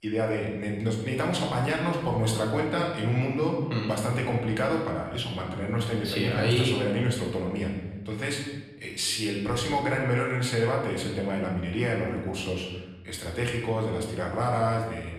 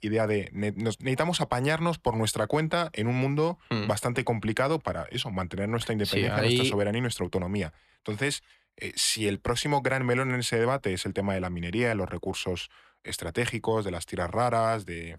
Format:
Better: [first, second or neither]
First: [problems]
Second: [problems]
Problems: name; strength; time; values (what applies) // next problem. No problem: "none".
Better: second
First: room echo; noticeable; dies away in 1 s // off-mic speech; far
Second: none